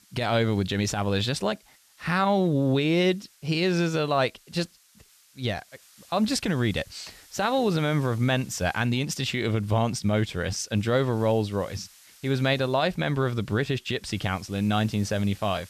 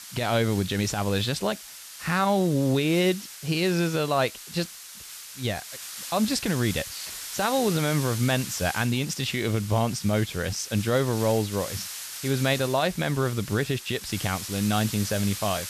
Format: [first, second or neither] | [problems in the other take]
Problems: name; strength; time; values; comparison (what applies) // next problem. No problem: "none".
first | hiss; loud; throughout; 10 dB below the speech; faint in the first